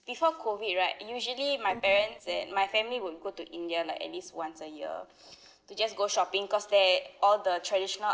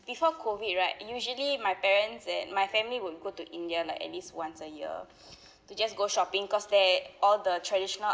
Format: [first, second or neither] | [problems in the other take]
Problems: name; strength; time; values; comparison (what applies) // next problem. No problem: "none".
second | noise reduction (neural separator model SepFormer DNS4)